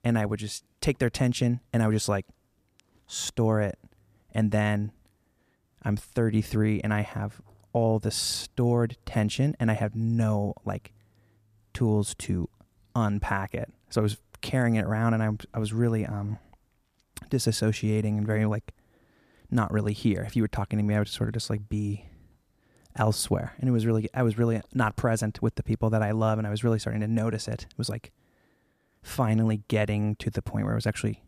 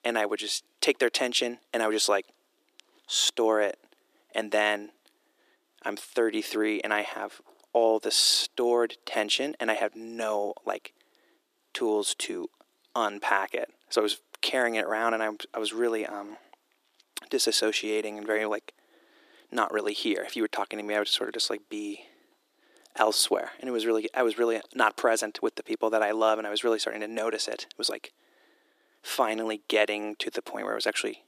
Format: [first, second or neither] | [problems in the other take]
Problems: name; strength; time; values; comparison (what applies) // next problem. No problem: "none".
first | thin; very; fading below 300 Hz